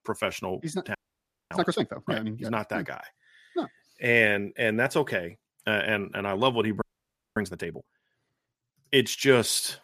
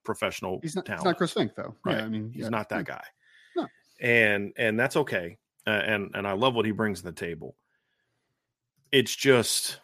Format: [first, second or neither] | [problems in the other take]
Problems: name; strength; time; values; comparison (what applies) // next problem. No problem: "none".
second | audio freezing; at 1 s for 0.5 s and at 7 s for 0.5 s